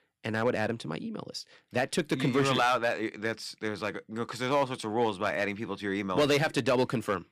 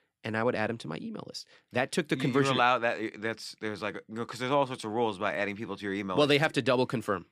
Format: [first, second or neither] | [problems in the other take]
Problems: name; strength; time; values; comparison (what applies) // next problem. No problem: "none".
second | distortion; slight; 3% of the sound clipped